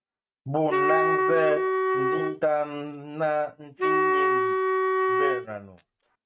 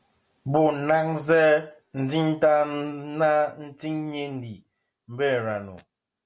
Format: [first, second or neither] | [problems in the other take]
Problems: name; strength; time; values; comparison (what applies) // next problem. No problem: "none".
second | noise reduction (neural mask model RNNoise)